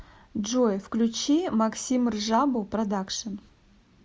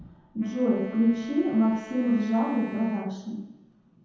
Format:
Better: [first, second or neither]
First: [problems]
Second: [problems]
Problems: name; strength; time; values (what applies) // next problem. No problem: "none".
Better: first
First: none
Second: background sound (Wind instrument, woodwind instrument); 18 dB below the speech // room echo; dies away in 0.9 s